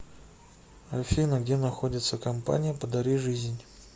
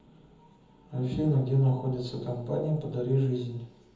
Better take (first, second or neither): first